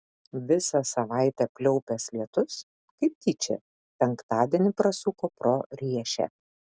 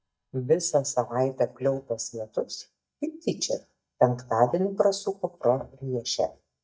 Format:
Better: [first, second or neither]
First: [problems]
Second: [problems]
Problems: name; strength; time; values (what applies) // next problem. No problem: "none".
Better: first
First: none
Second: noise reduction (neural mask model DeepFilterNet 3)